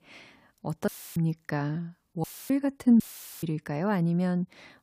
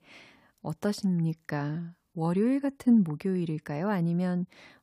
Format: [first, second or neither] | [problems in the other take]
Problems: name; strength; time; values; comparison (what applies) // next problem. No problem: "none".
second | audio cutting out; filled with static; at 1 s, at 2 s and at 3 s